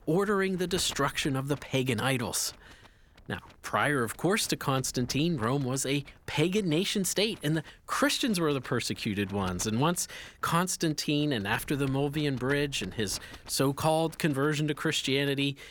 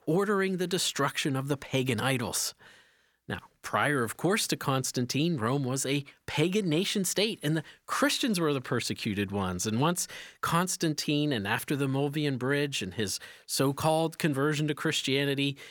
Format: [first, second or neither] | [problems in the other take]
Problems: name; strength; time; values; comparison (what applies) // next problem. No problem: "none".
second | wind noise on the microphone; occasional gusts; 25 dB below the speech